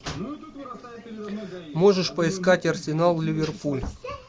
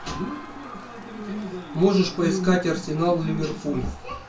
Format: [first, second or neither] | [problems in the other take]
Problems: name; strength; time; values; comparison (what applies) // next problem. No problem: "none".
first | background sound (Crowd); 18 dB below the speech // room echo; dies away in 0.2 s